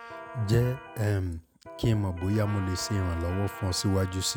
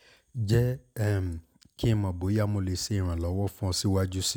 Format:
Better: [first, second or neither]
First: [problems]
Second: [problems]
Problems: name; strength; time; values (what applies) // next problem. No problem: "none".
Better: second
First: background sound (Trumpet + Electric guitar); 14 dB below the speech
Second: none